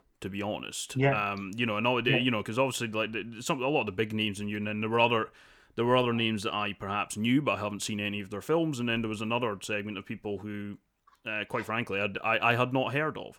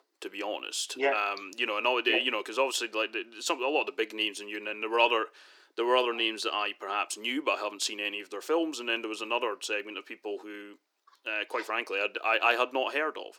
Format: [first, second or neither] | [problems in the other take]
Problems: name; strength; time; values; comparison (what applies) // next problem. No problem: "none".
first | thin; very; fading below 350 Hz